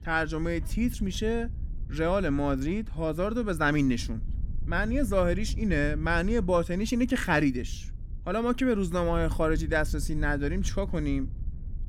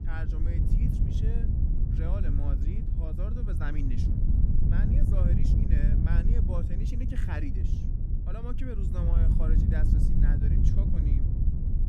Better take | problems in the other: first | wind noise on the microphone; heavy; 2 dB above the speech; occasional gusts in the first

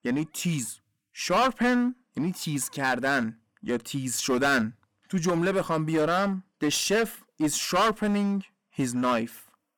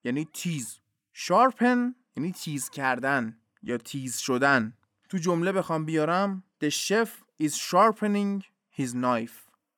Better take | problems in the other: second | distortion; heavy; 9% of the sound clipped

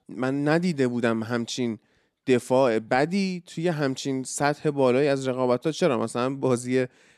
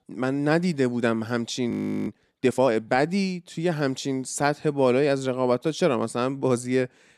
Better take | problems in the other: first | audio freezing; at 1.5 s

